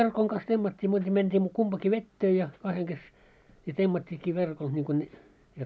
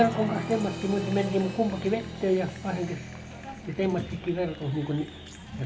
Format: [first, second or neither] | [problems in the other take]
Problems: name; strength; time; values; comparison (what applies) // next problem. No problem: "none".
first | background sound (Applause); 9 dB below the speech // room echo; dies away in 0.4 s